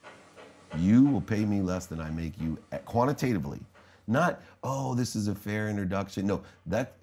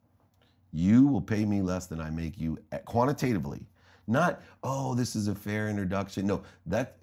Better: second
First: animal sounds; faint; throughout; 25 dB below the speech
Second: none

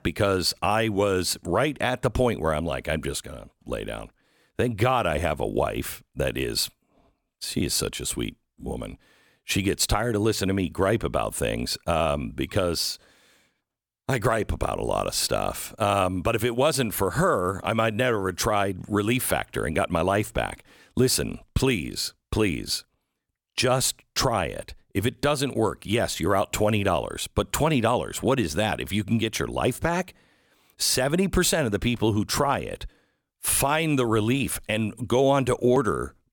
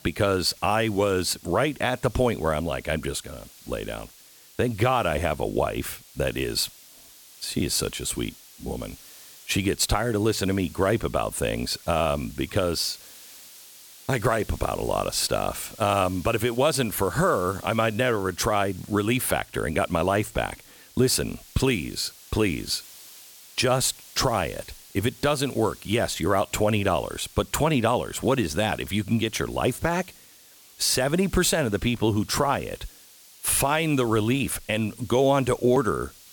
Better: first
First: none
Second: hiss; faint; throughout; 20 dB below the speech

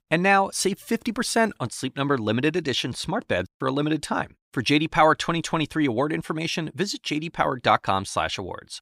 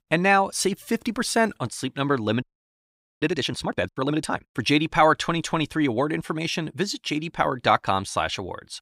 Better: first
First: none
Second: audio freezing; at 2.5 s for 1 s

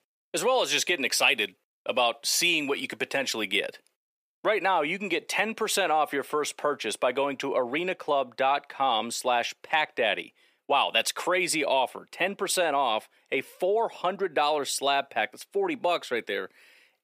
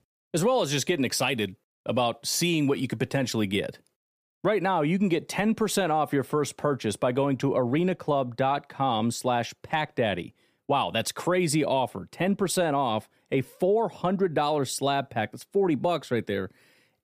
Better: second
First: thin; somewhat; fading below 450 Hz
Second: none

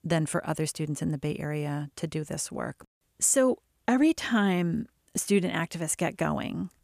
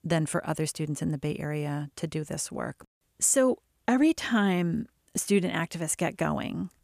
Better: neither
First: none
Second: none

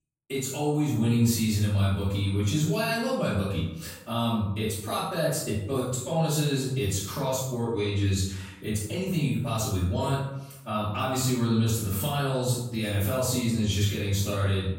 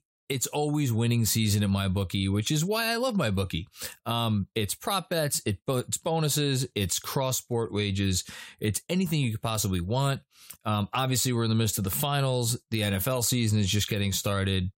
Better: second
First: room echo; noticeable; dies away in 0.7 s // off-mic speech; far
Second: none

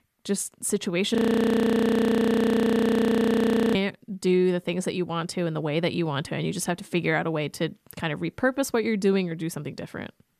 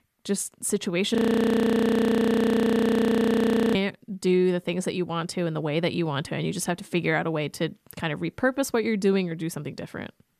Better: neither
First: audio freezing; at 1 s for 2.5 s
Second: audio freezing; at 1 s for 2.5 s

